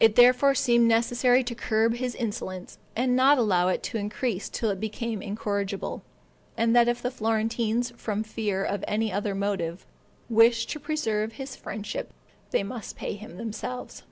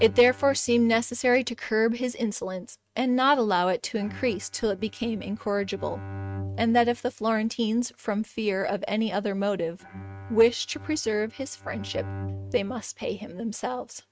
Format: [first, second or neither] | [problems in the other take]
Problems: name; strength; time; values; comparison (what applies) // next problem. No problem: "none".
first | noise reduction (neural mask model RNNoise)